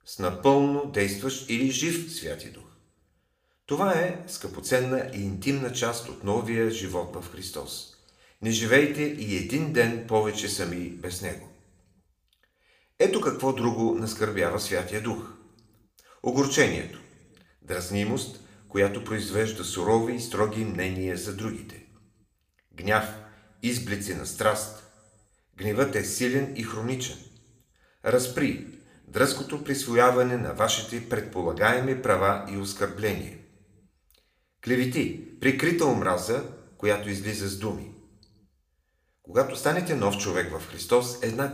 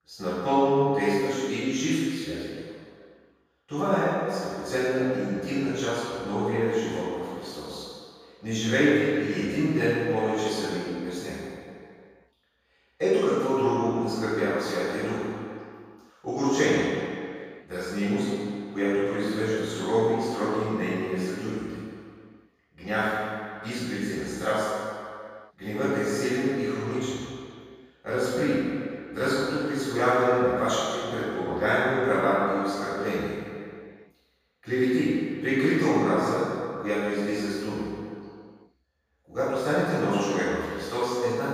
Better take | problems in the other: first | room echo; strong; dies away in 2.1 s; slight in the first // off-mic speech; far

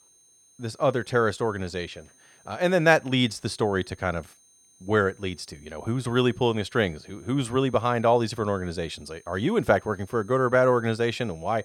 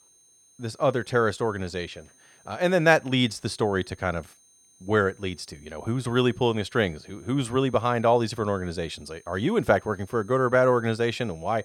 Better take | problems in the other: neither | high-pitched whine; faint; throughout; 6.5 kHz, 30 dB below the speech; the same in both

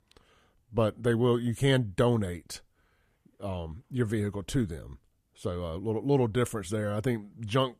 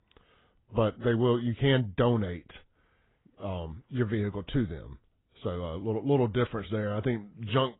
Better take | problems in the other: first | garbled, watery; badly; nothing above 3.5 kHz

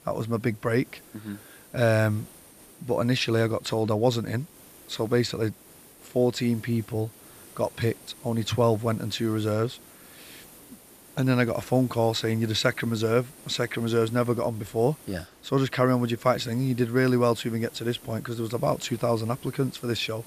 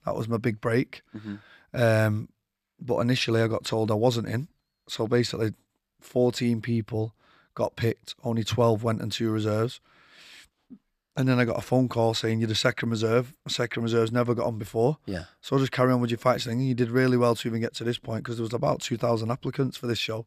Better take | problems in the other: second | hiss; faint; throughout; 20 dB below the speech

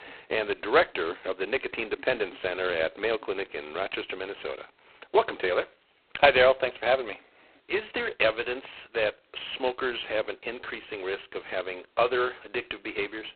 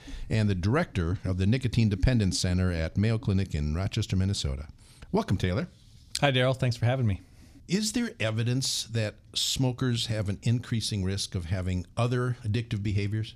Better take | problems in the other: second | phone-call audio; poor line; nothing above 4 kHz

